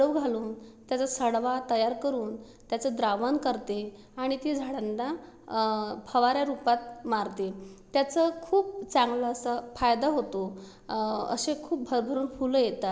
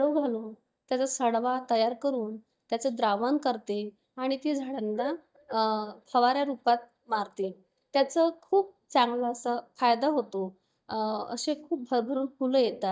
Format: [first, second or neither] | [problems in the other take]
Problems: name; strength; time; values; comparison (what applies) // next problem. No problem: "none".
first | noise reduction (neural mask model DeepFilterNet 3)